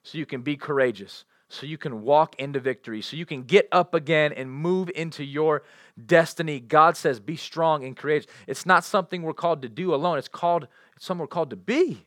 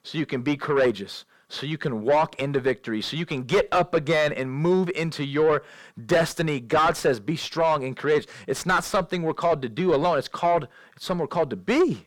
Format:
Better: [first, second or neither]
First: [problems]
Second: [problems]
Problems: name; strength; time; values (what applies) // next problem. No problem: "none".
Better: first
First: none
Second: distortion; heavy; 5 dB below the speech